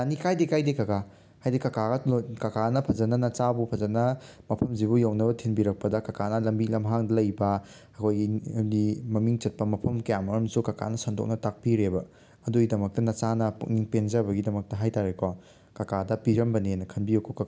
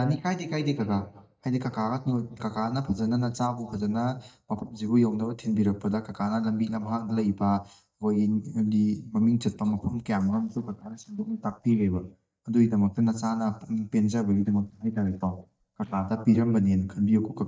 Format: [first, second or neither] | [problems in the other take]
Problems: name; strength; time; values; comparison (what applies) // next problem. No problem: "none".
first | noise reduction (neural mask model DeepFilterNet 3)